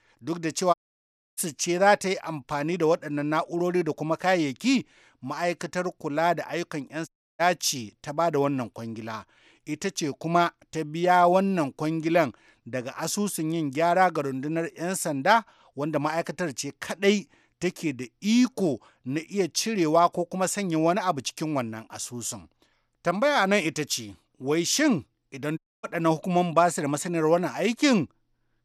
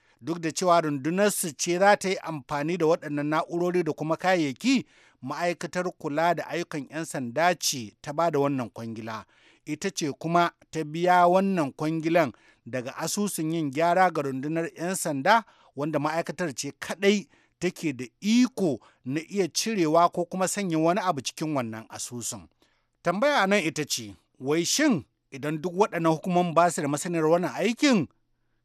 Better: second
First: audio cutting out; at 0.5 s for 0.5 s, at 7 s and at 26 s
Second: none

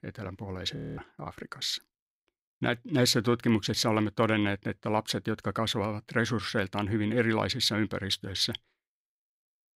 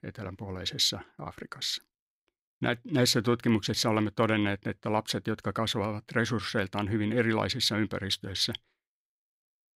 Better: second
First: audio freezing; at 1 s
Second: none

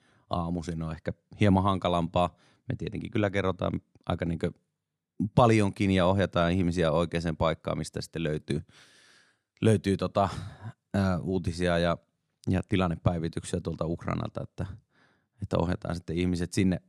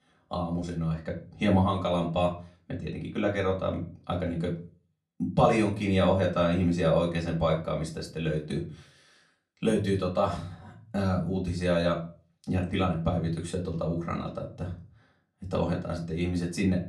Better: first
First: none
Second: off-mic speech; far // room echo; very slight; dies away in 0.3 s

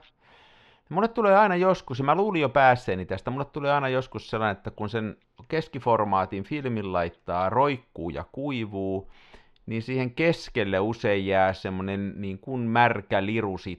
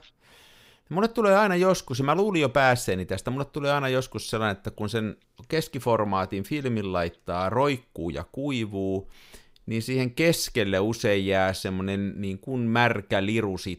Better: second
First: muffled; slightly; fading above 3 kHz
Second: none

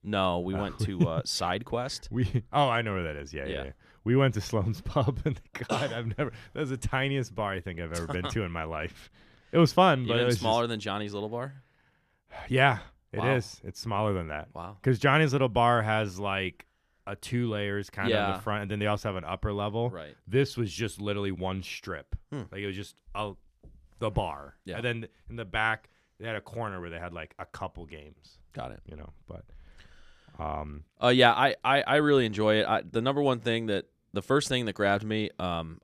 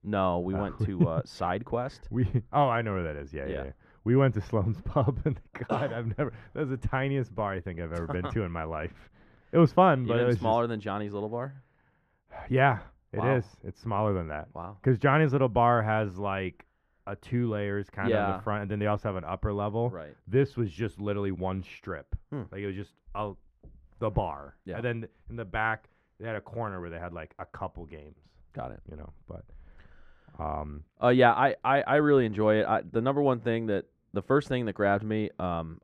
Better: first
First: none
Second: muffled; very; fading above 3 kHz

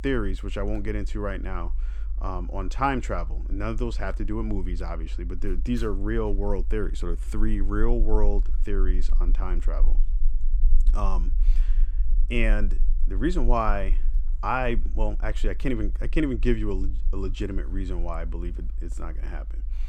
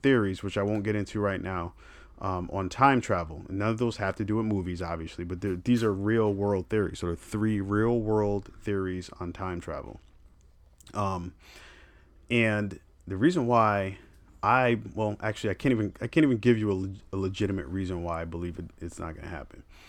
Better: second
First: low rumble; faint; throughout; 25 dB below the speech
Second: none

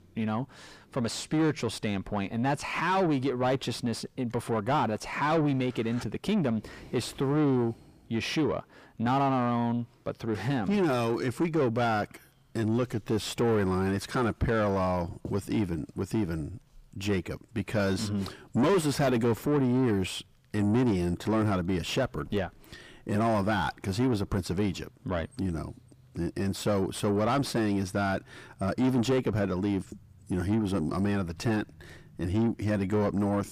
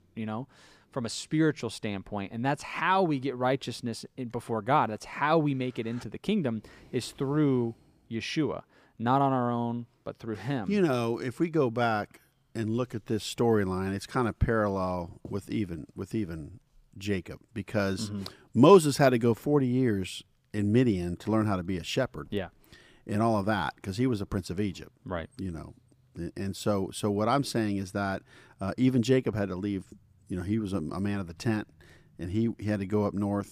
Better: second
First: distortion; heavy; 7 dB below the speech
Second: none

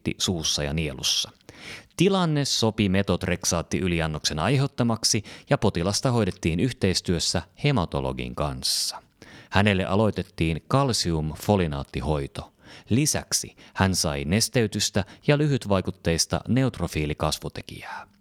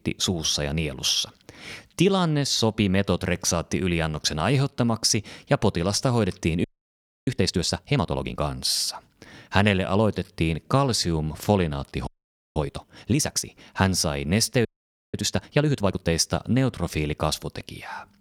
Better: first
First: none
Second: audio freezing; at 6.5 s for 0.5 s, at 12 s and at 15 s

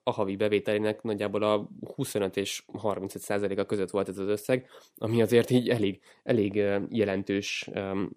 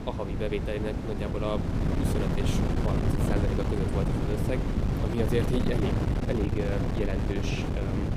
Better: first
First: none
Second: wind noise on the microphone; heavy; as loud as the speech

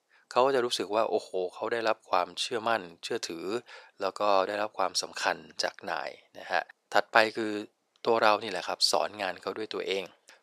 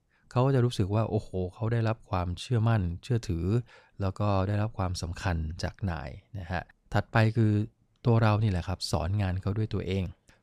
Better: second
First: thin; very; fading below 450 Hz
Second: none

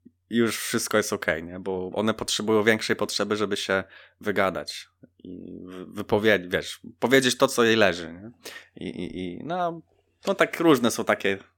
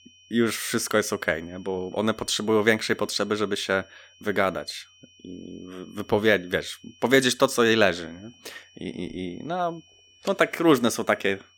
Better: first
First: none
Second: high-pitched whine; faint; throughout; 3 kHz, 30 dB below the speech

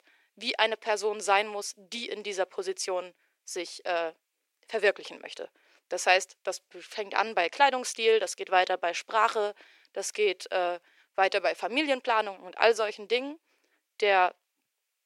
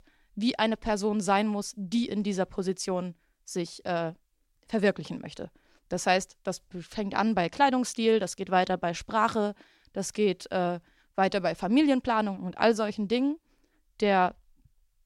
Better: second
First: thin; very; fading below 400 Hz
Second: none

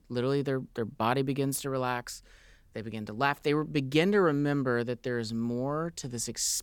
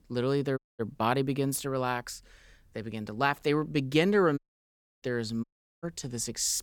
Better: first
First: none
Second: audio cutting out; at 0.5 s, at 4.5 s for 0.5 s and at 5.5 s

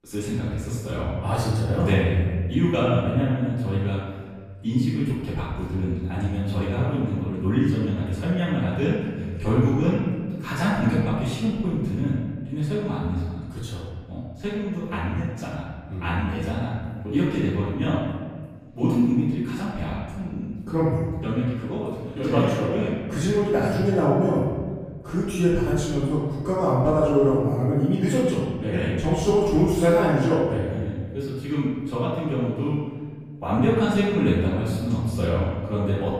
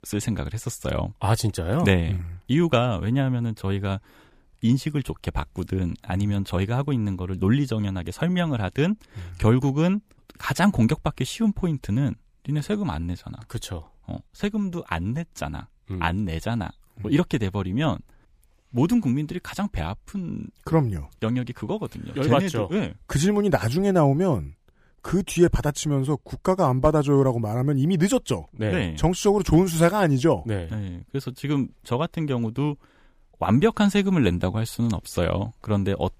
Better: second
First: off-mic speech; far // room echo; strong; dies away in 1.5 s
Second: none

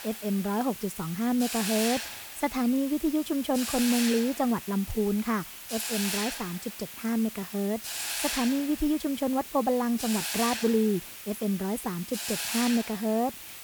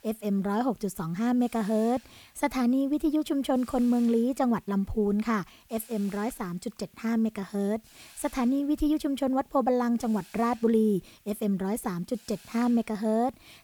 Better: second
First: hiss; loud; throughout; 5 dB below the speech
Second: hiss; faint; throughout; 25 dB below the speech

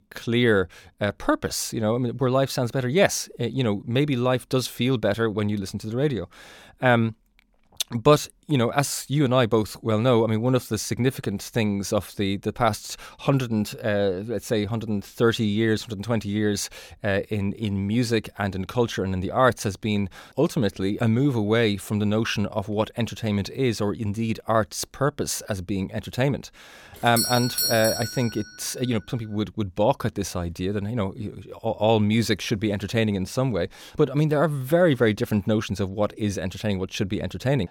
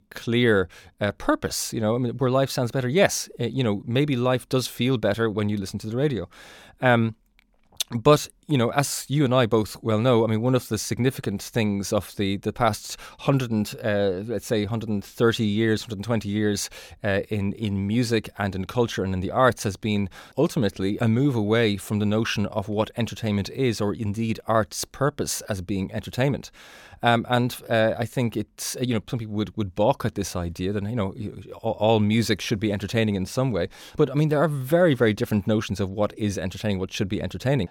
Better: second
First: doorbell; loud; from 27 to 28 s; peak 1 dB above the speech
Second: none

